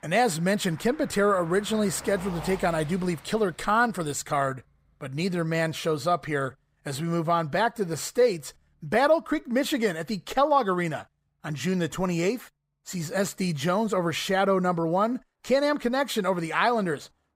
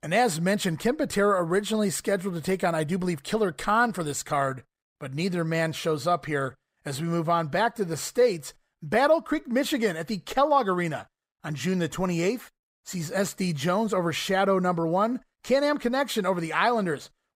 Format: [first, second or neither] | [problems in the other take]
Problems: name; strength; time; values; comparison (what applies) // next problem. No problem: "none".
second | traffic noise; noticeable; throughout; 20 dB below the speech